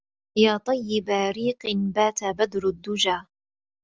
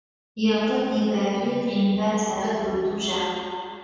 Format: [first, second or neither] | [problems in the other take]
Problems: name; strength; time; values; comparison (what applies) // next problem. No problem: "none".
first | room echo; dies away in 2.1 s